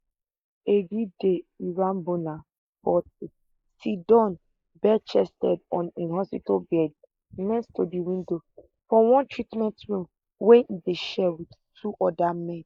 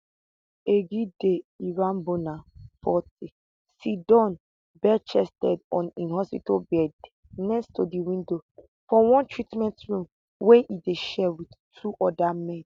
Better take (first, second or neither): second